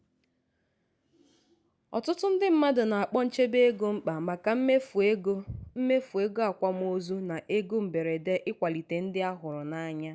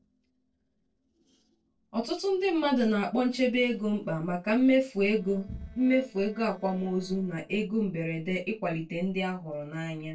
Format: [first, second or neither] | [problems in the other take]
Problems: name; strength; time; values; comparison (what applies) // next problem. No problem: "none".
first | noise reduction (neural separator model SepFormer DNS4)